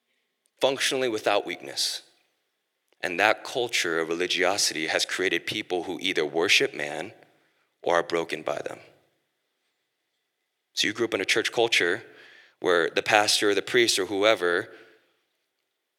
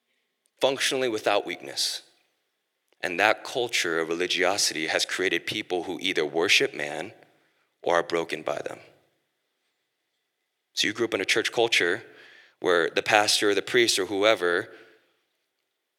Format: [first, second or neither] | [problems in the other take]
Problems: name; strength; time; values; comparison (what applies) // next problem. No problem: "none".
neither | thin; somewhat; fading below 350 Hz; the same in both